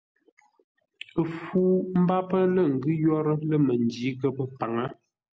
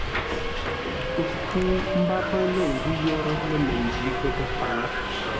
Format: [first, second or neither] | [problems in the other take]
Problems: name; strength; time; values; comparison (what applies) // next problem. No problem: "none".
first | background sound (Subway, metro, underground); as loud as the speech